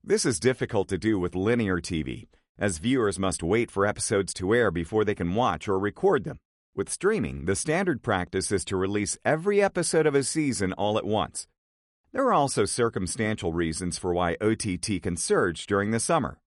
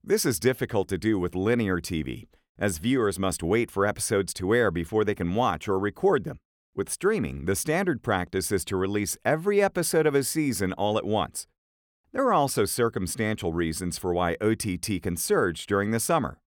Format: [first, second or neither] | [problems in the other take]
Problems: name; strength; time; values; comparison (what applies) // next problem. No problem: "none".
second | garbled, watery; slightly; nothing above 11 kHz